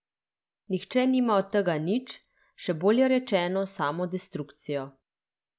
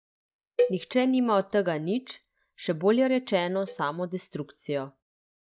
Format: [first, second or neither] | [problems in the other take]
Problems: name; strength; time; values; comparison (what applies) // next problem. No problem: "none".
first | noise reduction (neural mask model DeepFilterNet 3)